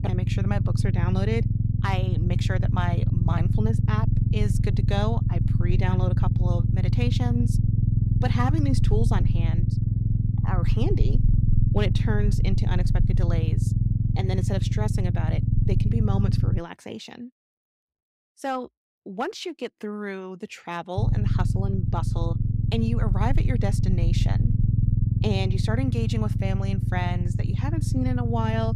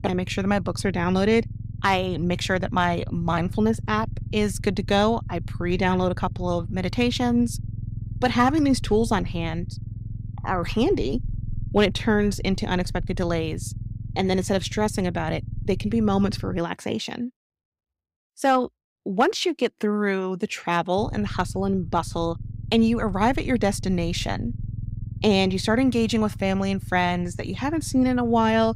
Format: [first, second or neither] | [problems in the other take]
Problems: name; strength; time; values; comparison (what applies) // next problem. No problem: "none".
second | low rumble; loud; until 17 s and from 21 s on; 3 dB below the speech; faint in the second